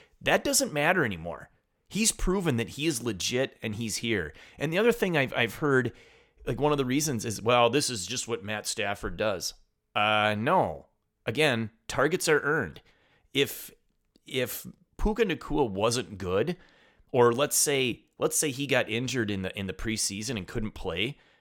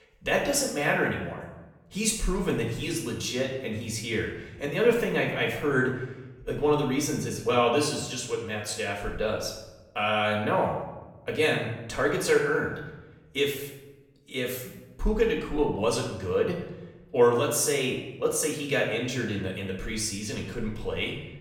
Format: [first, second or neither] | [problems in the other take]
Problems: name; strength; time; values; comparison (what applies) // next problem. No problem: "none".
first | off-mic speech; far // room echo; noticeable; dies away in 0.8 s